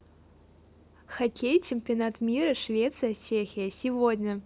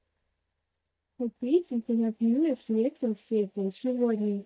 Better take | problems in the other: first | noise reduction (neural mask model DeepFilterNet 3)

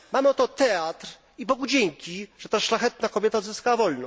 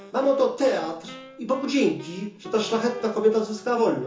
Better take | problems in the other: first | background sound (Wind instrument, woodwind instrument); 19 dB below the speech // room echo; dies away in 0.7 s

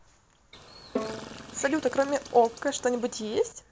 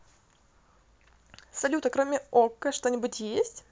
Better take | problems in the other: second | background sound (Bowed string instrument + Chirp, tweet); 11 dB below the speech

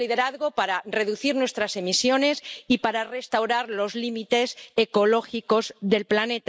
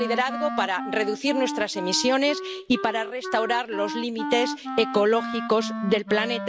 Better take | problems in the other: first | background sound (Wind instrument, woodwind instrument); 7 dB below the speech

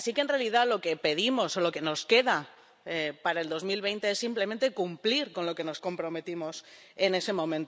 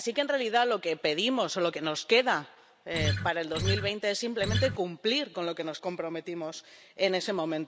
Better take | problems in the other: first | background sound (Acoustic guitar); as loud as the speech

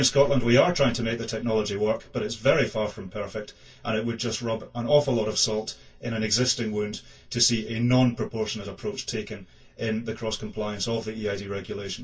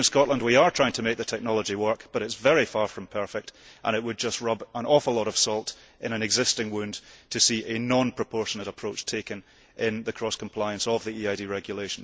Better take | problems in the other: second | room echo; dies away in 0.1 s

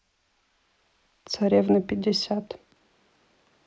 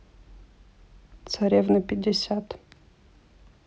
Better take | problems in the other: second | noise reduction (neural mask model Resemble Enhance denoiser)

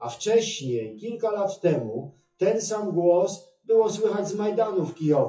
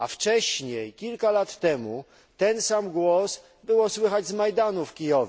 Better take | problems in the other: second | noise reduction (classical method WPE with log-MMSE)

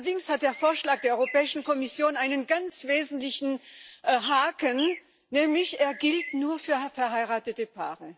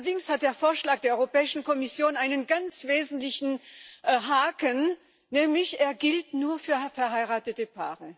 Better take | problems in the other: second | background sound (Bird + Bird); 15 dB below the speech

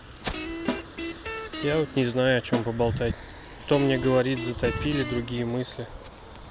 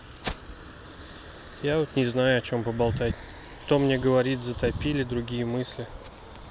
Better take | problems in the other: second | background sound (Snare drum + Guitar); 8 dB below the speech

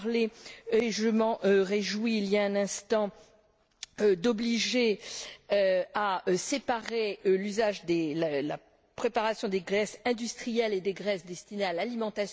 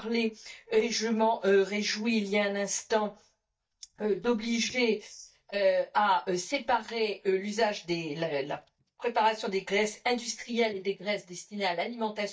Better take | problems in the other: first | noise reduction (neural mask model DeepFilterNet 3)

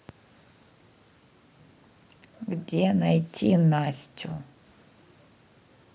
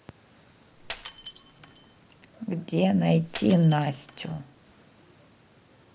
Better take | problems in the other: first | background sound (Shatter); 19 dB below the speech

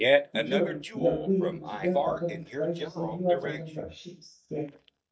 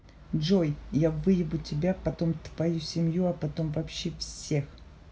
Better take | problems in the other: second | noise reduction (neural mask model DeepFilterNet 3)

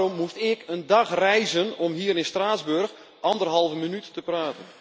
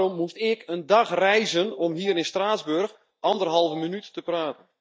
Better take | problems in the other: first | noise reduction (neural mask model DeepFilterNet 3)

